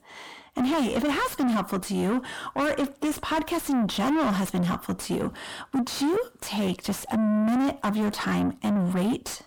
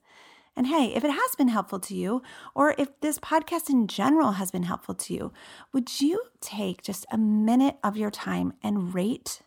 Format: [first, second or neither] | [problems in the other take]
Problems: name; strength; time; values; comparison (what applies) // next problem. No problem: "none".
second | distortion; heavy; 5 dB below the speech